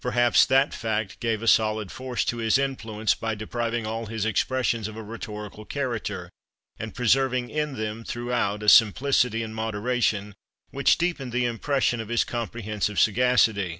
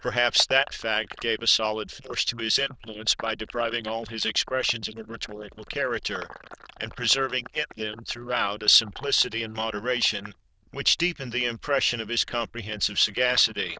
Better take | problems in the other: first | noise reduction (neural diffusion model UNIVERSE++)

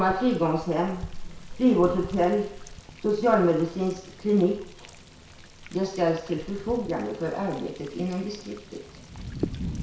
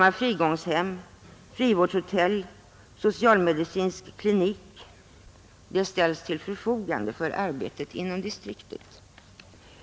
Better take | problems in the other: second | background sound (Thunder); 13 dB below the speech // room echo; dies away in 0.6 s

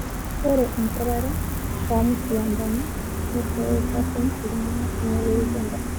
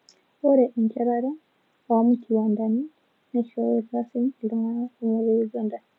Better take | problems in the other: second | background sound (Gull, seagull); as loud as the speech

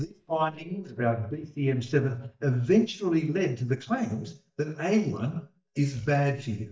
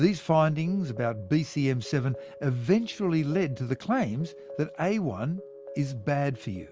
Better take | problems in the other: second | noise reduction (neural mask model DeepFilterNet 3)

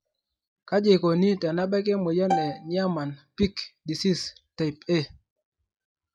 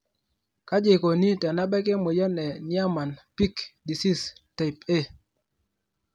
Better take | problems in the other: second | noise reduction (classical method log-MMSE)

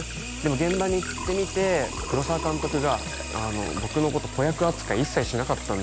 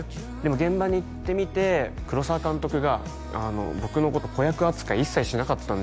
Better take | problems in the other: second | background sound (Sink (filling or washing) / Water tap, faucet); 9 dB below the speech

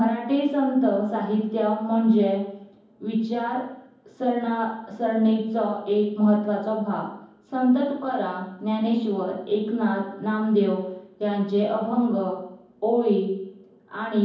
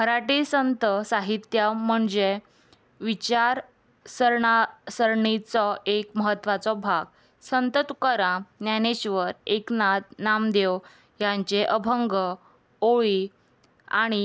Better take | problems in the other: second | room echo; dies away in 0.9 s

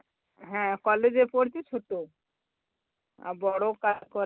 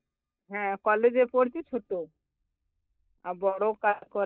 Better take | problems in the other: first | noise reduction (neural mask model DeepFilterNet 3)

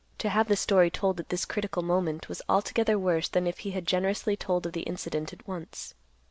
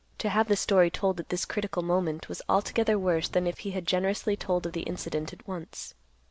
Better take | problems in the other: first | background sound (Wind); 19 dB below the speech

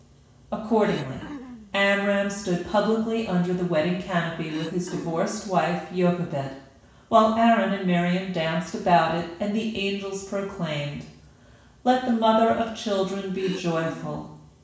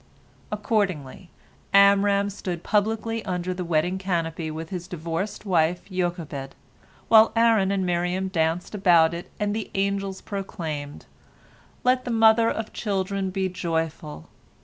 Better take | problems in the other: second | background sound (Cough); 15 dB below the speech // room echo; dies away in 0.7 s

